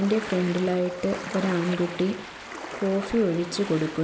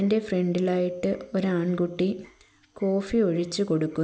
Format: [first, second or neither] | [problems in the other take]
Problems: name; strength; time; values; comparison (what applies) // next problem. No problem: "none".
second | background sound (Ocean); 11 dB below the speech